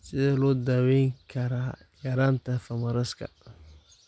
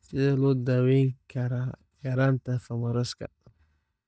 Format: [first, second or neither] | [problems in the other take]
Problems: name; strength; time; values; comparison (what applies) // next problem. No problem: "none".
first | noise reduction (neural mask model DeepFilterNet 3)